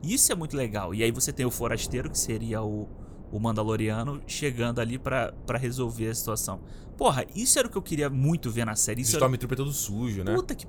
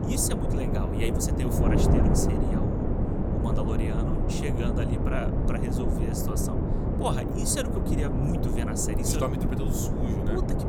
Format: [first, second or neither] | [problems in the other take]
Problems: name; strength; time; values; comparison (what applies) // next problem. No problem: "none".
first | wind noise on the microphone; heavy; 1 dB above the speech; occasional gusts in the first